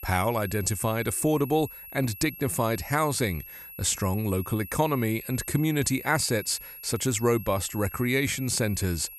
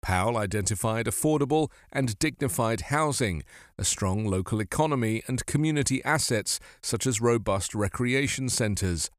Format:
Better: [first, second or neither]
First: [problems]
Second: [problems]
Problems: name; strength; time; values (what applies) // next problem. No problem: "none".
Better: second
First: high-pitched whine; noticeable; throughout; 11.5 kHz, 15 dB below the speech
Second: none